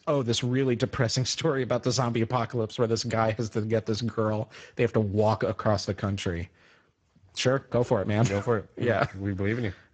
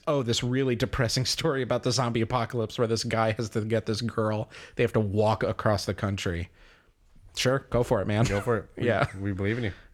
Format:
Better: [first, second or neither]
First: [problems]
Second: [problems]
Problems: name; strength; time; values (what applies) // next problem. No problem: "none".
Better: second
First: garbled, watery; badly; nothing above 7.5 kHz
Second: none